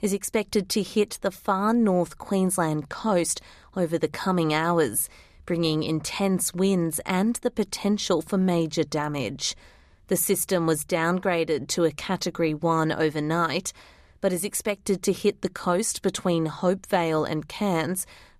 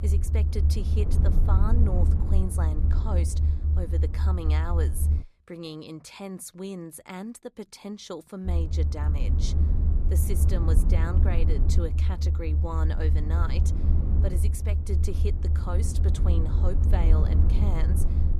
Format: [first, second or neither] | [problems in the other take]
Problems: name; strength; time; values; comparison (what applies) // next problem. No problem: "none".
first | low rumble; loud; until 5 s and from 8.5 s on; 2 dB below the speech